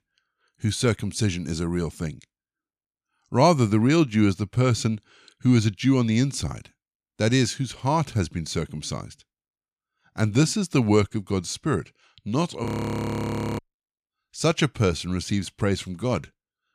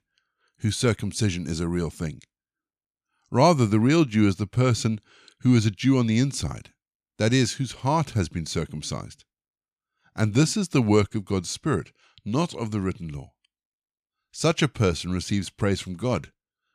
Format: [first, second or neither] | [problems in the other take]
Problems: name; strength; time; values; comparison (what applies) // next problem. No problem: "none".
second | audio freezing; at 13 s for 1 s